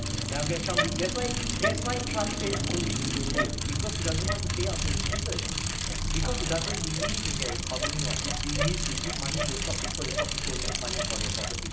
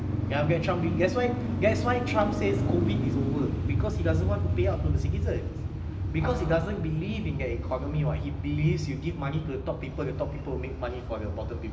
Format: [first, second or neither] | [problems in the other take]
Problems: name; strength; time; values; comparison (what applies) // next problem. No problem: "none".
second | background sound (Bicycle); 1 dB above the speech